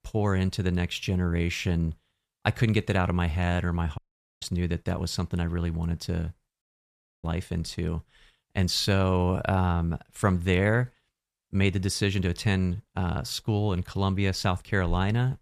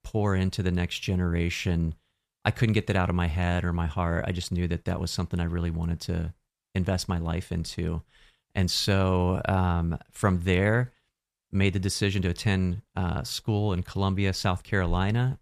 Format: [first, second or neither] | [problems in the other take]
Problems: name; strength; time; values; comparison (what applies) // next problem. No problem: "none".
second | audio cutting out; at 4 s and at 6.5 s for 0.5 s